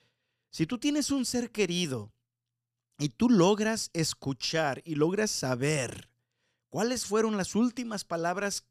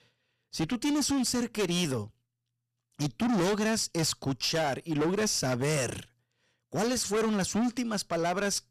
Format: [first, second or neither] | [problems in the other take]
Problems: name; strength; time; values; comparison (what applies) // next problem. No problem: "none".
first | distortion; heavy; 18% of the sound clipped